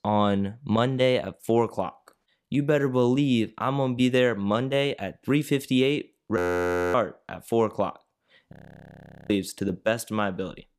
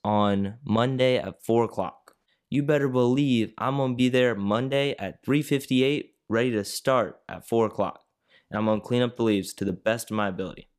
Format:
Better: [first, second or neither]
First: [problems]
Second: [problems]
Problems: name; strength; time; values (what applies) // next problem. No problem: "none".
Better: second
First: audio freezing; at 6.5 s for 0.5 s and at 8.5 s for 1 s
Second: none